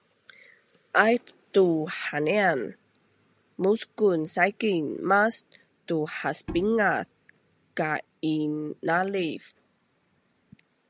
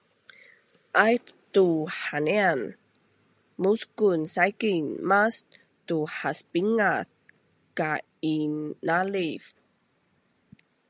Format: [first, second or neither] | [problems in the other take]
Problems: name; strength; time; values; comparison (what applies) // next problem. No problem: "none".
second | background sound (Bowed string instrument); 15 dB below the speech